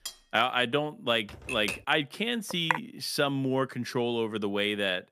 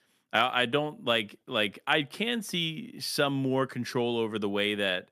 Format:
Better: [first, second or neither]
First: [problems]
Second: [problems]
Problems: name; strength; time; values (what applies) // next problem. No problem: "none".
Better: second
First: clattering dishes; faint; at the start; peak 10 dB below the speech // keyboard typing; noticeable; at 1.5 s; peak 6 dB below the speech // clattering dishes; noticeable; at 2.5 s; peak 2 dB below the speech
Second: none